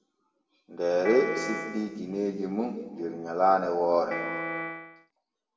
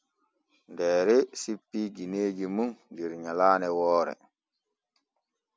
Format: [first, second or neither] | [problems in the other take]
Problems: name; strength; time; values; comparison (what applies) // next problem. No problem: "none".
second | background sound (Piano); 6 dB below the speech // room echo; dies away in 1.6 s